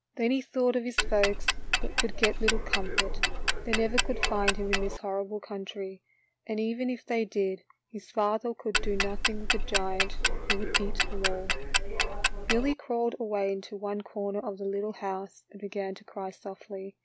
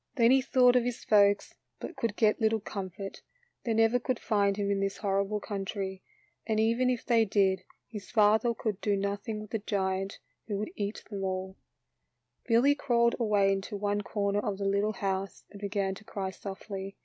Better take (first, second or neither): second